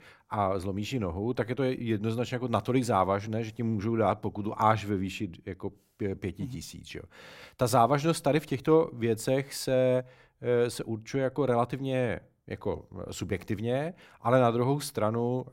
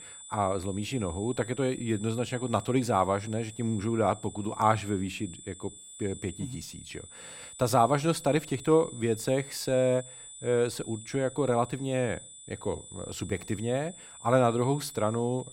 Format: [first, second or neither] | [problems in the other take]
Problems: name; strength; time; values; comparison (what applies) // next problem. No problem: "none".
first | high-pitched whine; noticeable; throughout; 8 kHz, 15 dB below the speech